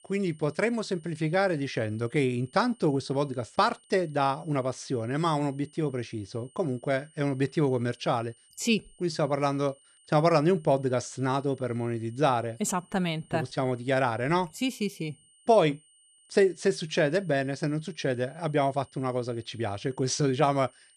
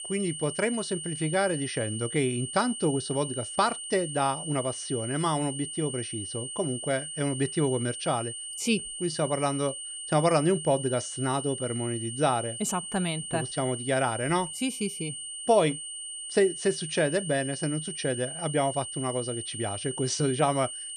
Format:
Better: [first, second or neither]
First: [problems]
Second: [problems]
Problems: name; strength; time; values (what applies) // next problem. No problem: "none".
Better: first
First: high-pitched whine; faint; throughout; 9 kHz, 30 dB below the speech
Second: high-pitched whine; loud; throughout; 9 kHz, 6 dB below the speech